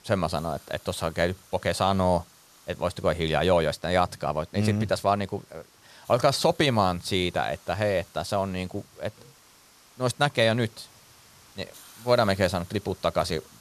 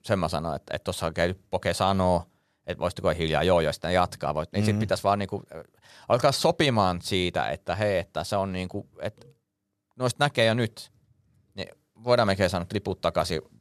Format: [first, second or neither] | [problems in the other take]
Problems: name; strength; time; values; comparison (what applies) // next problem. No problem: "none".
second | hiss; faint; throughout; 25 dB below the speech